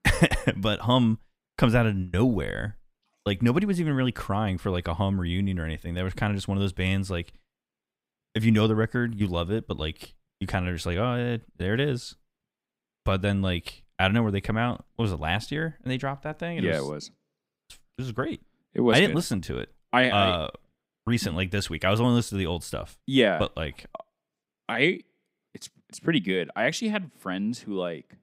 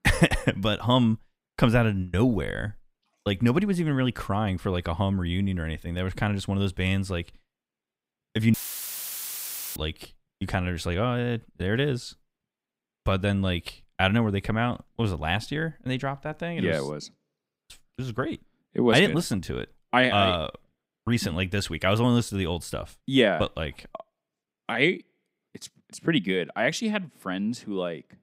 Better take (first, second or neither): first